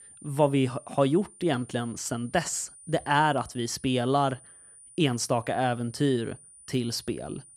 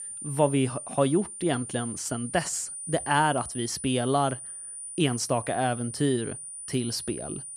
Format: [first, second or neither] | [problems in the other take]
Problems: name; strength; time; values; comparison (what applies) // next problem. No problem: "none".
first | high-pitched whine; loud; throughout; 9.5 kHz, 8 dB below the speech; faint in the first